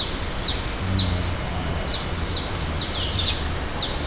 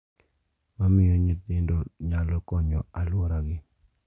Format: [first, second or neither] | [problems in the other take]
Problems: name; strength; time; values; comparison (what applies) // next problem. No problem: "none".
second | background sound (Bird); 4 dB above the speech